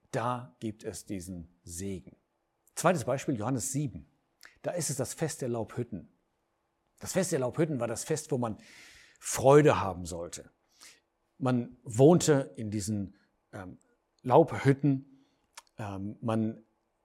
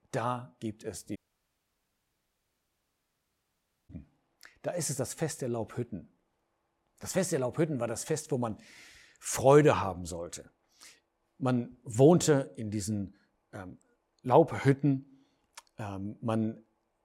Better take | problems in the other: first | audio cutting out; at 1 s for 2.5 s

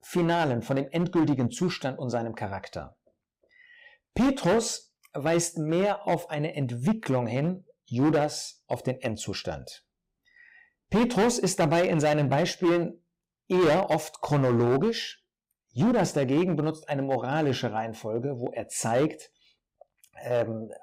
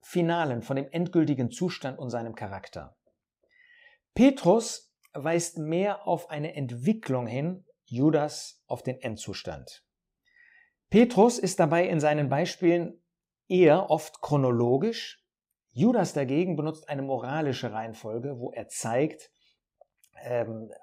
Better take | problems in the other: second | distortion; heavy; 7% of the sound clipped

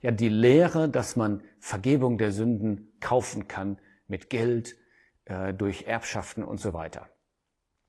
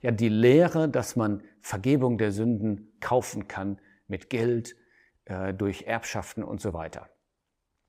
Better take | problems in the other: second | garbled, watery; slightly; nothing above 11.5 kHz

